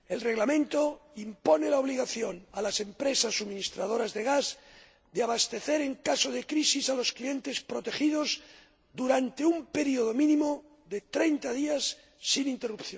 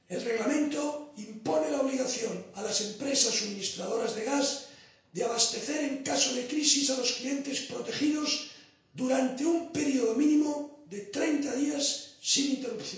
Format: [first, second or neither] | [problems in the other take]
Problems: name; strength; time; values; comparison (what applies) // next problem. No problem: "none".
first | room echo; dies away in 0.5 s